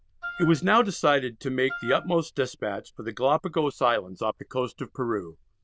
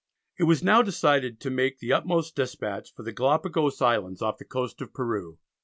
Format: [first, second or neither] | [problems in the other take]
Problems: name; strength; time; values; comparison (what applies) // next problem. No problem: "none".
second | noise reduction (neural diffusion model UNIVERSE++)